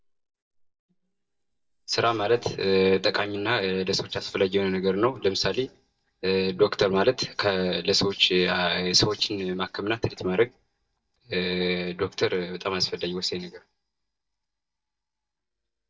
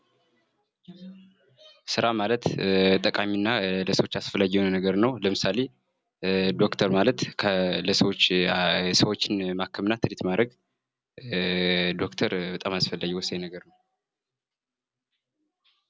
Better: second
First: noise reduction (neural mask model DeepFilterNet 3)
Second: none

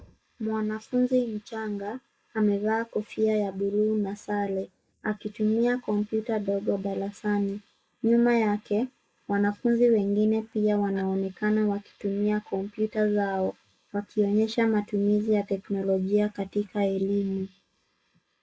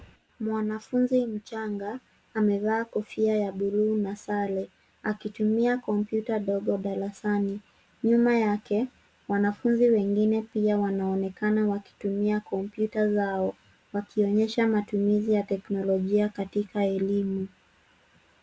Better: second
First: noise reduction (neural mask model Resemble Enhance denoiser)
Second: none

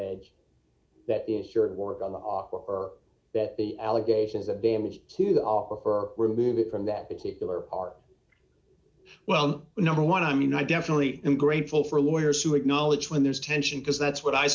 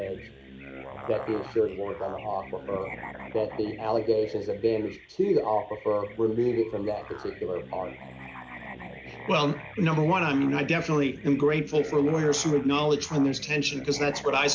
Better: first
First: none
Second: background sound (Bird vocalization, bird call, bird song + Musical instrument); 15 dB below the speech

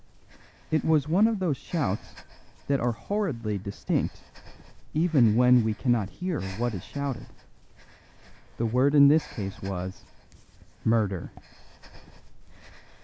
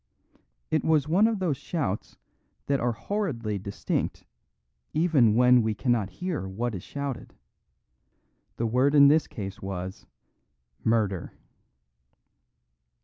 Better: second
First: background sound (Breathing); 19 dB below the speech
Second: none

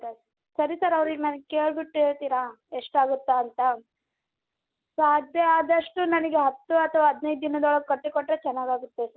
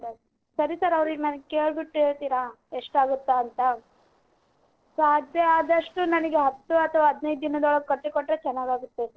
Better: first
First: none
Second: noise reduction (neural separator model SepFormer DNS4)

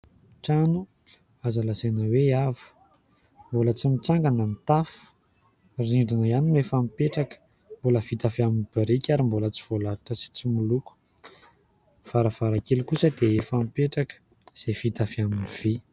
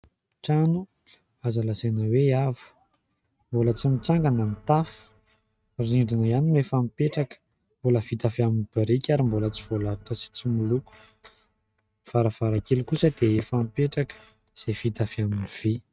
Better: first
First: none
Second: noise reduction (neural mask model RNNoise)

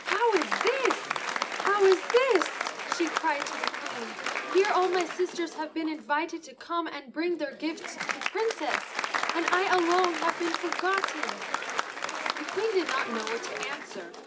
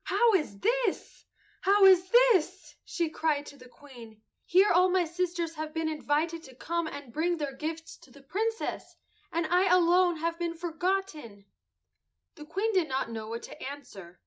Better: second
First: background sound (Applause); 4 dB below the speech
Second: none

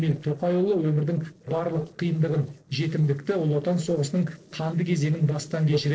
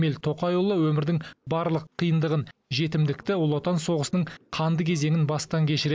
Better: second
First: noise reduction (neural separator model SepFormer DNS4)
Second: none

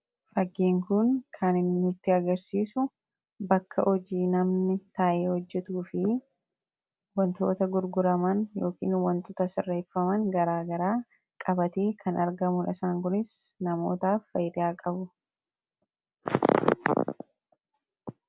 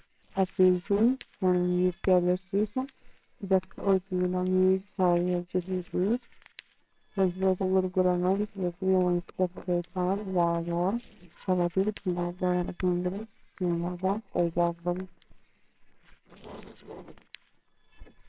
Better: first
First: none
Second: noise reduction (neural separator model SepFormer WHAMR!)

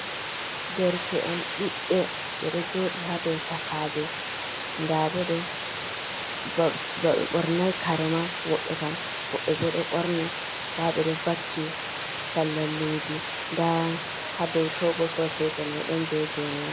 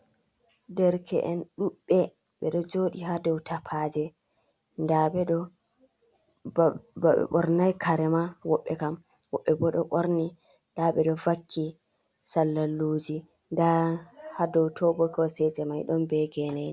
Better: second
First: background sound (Water); 4 dB below the speech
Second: none

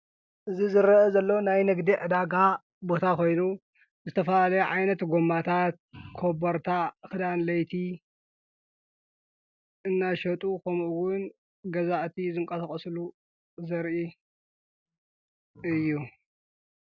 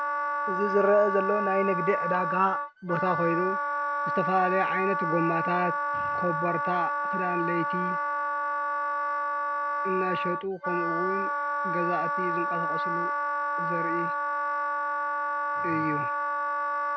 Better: first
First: none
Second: background sound (Wind instrument, woodwind instrument); 2 dB above the speech

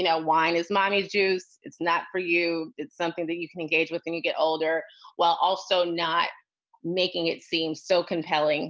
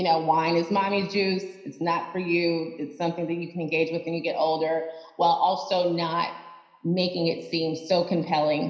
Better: first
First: none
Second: room echo; dies away in 0.9 s

